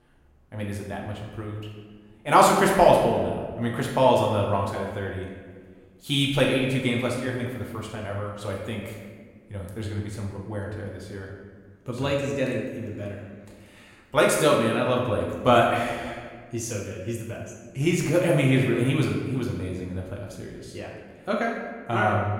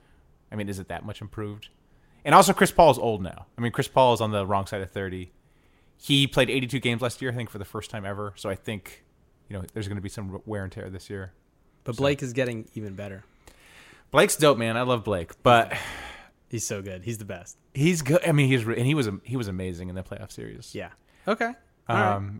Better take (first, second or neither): second